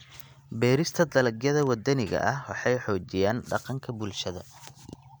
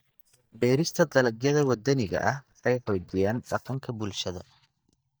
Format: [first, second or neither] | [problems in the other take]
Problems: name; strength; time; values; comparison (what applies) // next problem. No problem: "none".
first | noise reduction (neural mask model DeepFilterNet 3)